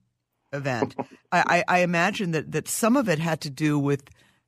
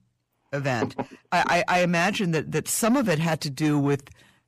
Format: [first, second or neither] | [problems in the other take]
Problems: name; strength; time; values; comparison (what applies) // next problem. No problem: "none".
first | distortion; slight; 10 dB below the speech